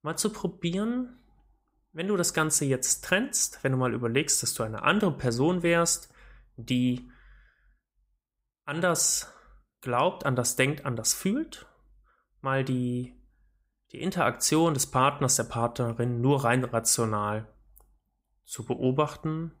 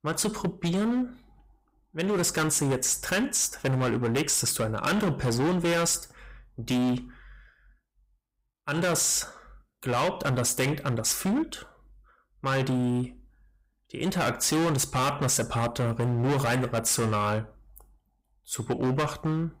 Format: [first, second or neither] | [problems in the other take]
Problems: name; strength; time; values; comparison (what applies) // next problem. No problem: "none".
first | distortion; heavy; 18% of the sound clipped